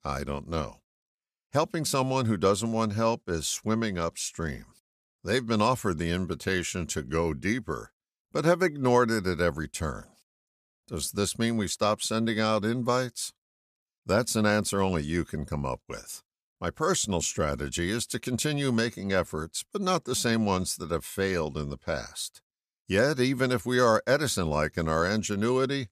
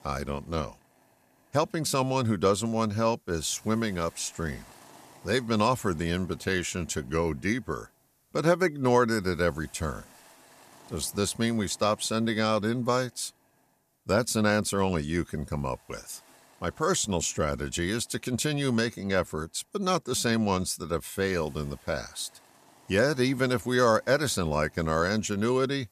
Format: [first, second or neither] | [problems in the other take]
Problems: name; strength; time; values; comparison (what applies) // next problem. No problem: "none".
first | hiss; faint; throughout; 30 dB below the speech